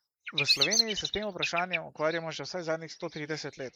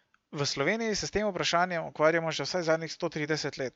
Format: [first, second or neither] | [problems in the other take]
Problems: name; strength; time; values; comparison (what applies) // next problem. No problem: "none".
second | noise reduction (neural mask model Resemble Enhance denoiser)